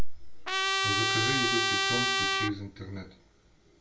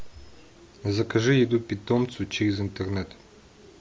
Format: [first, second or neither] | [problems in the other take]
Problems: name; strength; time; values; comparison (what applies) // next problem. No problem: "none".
second | background sound (Trumpet); 4 dB above the speech // room echo; dies away in 0.3 s